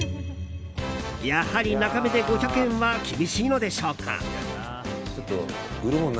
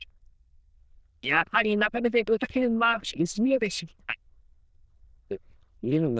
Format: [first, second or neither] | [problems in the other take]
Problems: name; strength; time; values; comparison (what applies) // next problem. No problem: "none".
first | noise reduction (neural diffusion model UNIVERSE++)